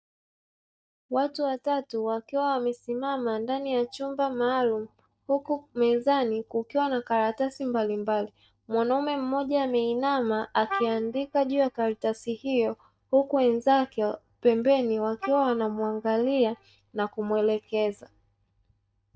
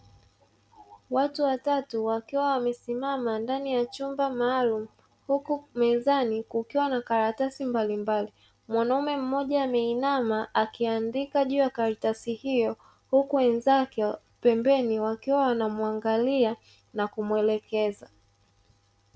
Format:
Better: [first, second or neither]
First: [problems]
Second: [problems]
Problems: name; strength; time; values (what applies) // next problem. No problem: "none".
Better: second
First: noise reduction (neural mask model DeepFilterNet 3)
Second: none